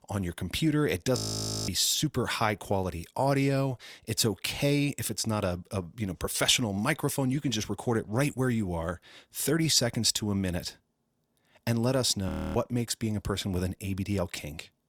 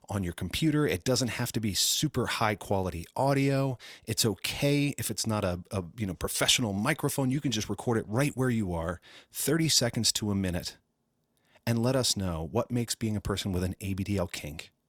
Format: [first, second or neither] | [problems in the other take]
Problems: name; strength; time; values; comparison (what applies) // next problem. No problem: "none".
second | audio freezing; at 1 s for 0.5 s and at 12 s